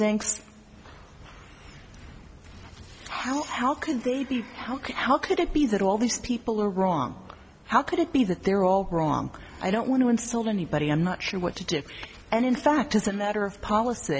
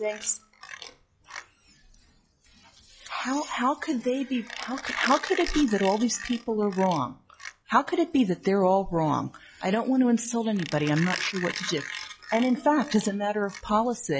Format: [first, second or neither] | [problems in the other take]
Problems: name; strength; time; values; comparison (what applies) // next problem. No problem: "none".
first | noise reduction (classical method log-MMSE)